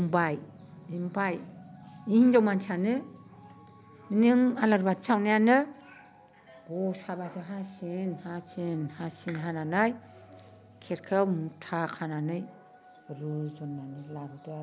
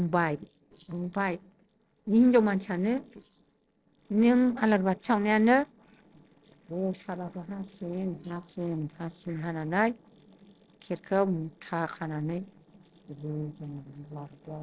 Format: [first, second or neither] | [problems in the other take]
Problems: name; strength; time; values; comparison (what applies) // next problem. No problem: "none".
first | noise reduction (neural separator model SepFormer DNS4)